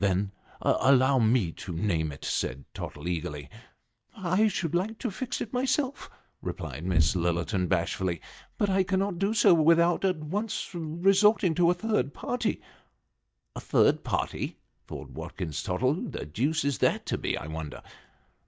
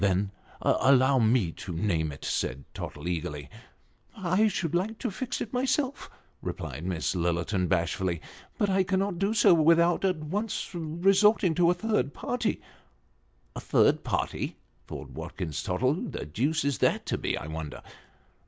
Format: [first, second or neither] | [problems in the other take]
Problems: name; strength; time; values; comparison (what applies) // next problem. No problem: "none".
second | noise reduction (neural mask model DeepFilterNet 3)